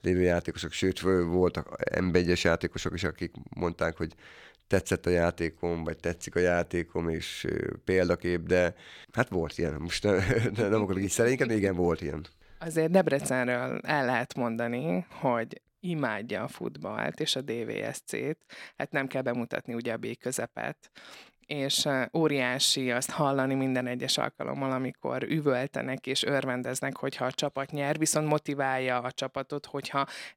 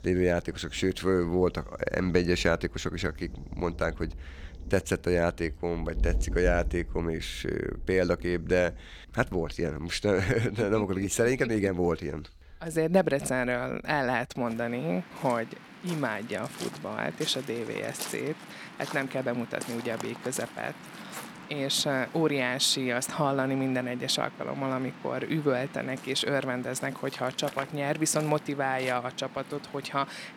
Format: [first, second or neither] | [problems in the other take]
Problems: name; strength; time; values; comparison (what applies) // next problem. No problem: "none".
first | rain or running water; noticeable; throughout; 15 dB below the speech